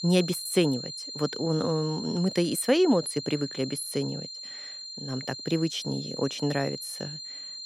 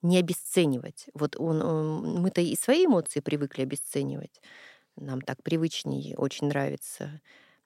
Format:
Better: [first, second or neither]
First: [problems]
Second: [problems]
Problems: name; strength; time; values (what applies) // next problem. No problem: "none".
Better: second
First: high-pitched whine; loud; throughout; 4 kHz, 8 dB below the speech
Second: none